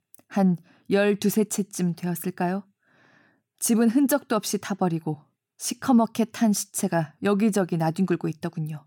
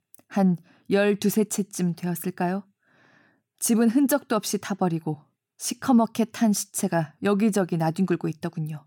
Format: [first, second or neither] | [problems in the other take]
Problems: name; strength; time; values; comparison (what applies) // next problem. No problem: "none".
neither | none